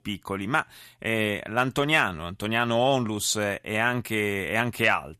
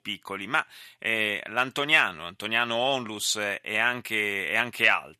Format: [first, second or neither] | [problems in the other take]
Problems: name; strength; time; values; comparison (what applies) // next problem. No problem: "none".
first | thin; somewhat; fading below 650 Hz